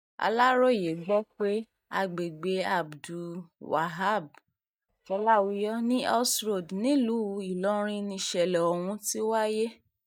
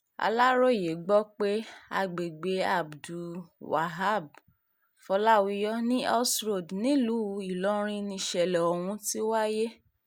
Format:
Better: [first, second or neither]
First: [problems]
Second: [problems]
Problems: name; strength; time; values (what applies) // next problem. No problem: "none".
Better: second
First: noise reduction (neural mask model DeepFilterNet 3)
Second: none